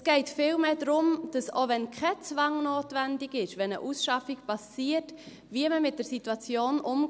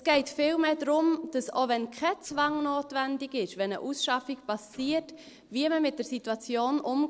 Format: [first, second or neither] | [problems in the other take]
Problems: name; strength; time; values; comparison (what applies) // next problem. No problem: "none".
first | noise reduction (neural separator model SepFormer DNS4)